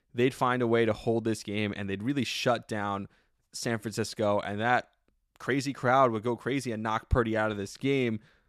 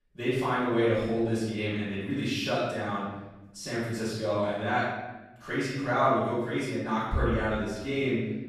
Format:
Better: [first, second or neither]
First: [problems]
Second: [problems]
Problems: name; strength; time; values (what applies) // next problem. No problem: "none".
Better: first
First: none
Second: room echo; strong; dies away in 1 s // off-mic speech; far